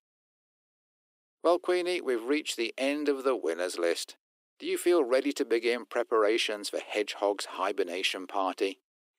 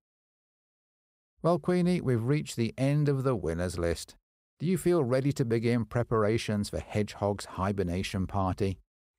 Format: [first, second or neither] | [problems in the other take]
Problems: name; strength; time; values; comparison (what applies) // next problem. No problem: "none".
second | thin; somewhat; fading below 300 Hz